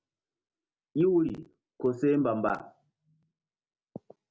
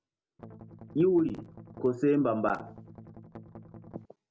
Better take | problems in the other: first | background sound (Strum); 17 dB below the speech

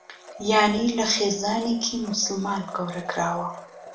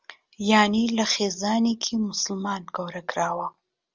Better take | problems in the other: second | background sound (Domestic sounds, home sounds); 18 dB below the speech // room echo; dies away in 0.5 s

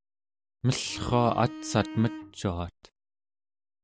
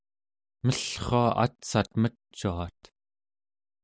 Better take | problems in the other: second | background sound (Bowed string instrument); 11 dB below the speech

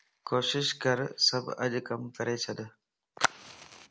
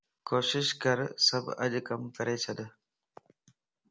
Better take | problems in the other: second | background sound (Fire); 9 dB below the speech

